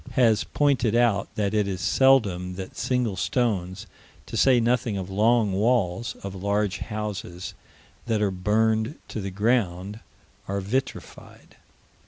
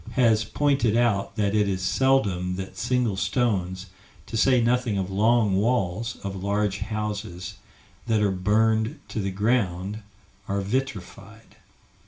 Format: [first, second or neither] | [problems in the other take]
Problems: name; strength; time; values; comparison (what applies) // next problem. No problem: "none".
first | room echo; dies away in 0.3 s